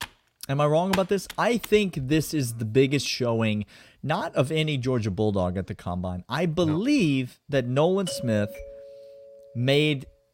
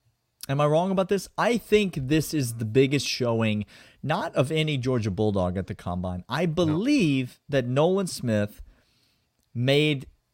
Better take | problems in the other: second | keyboard typing; noticeable; until 1.5 s; peak 7 dB below the speech // doorbell; faint; from 8 to 9.5 s; peak 10 dB below the speech

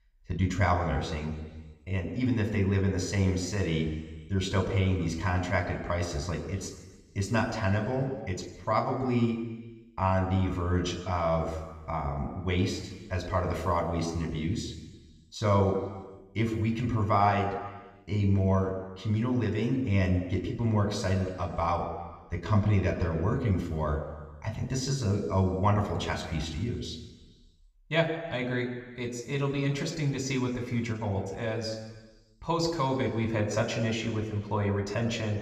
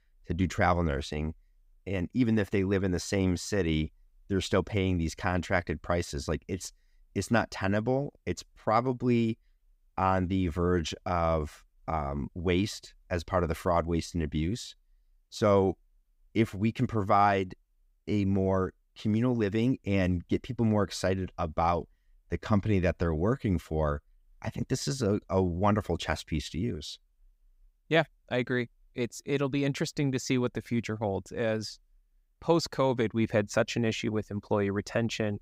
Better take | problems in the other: second | room echo; slight; dies away in 1.4 s // off-mic speech; somewhat distant

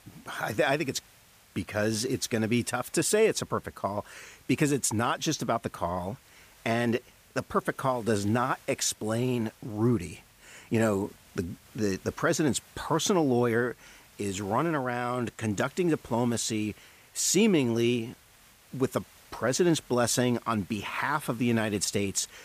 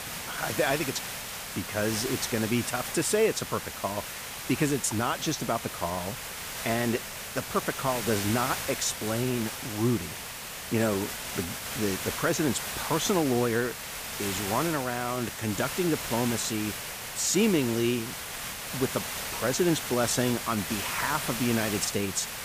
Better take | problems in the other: first | hiss; loud; throughout; 5 dB below the speech; faint in the first

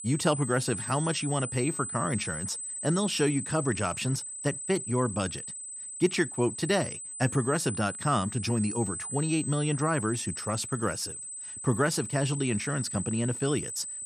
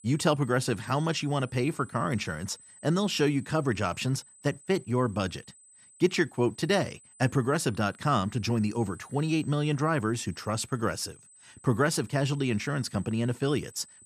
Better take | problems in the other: second | high-pitched whine; loud; throughout; 8 kHz, 6 dB below the speech; faint in the second

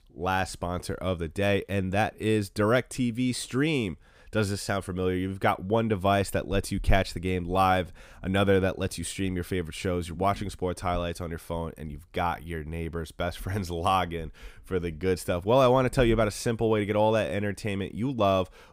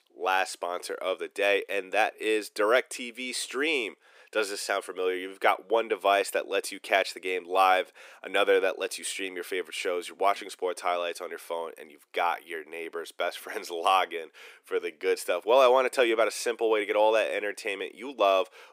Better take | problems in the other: first | thin; very; fading below 350 Hz

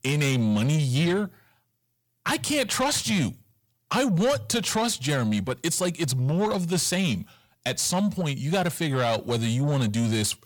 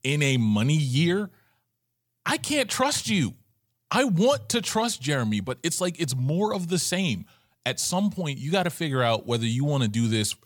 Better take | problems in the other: second | distortion; slight; 10 dB below the speech

